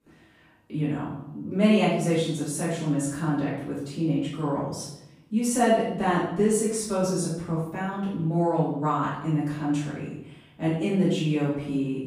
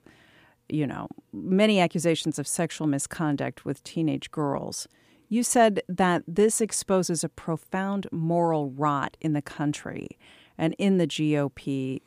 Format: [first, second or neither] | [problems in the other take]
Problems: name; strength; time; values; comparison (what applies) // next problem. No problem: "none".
second | room echo; noticeable; dies away in 0.7 s // off-mic speech; far